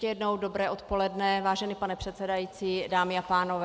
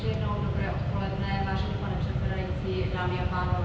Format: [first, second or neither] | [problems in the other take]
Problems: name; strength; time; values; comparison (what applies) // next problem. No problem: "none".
first | background sound (Mechanisms); 5 dB above the speech // room echo; dies away in 0.9 s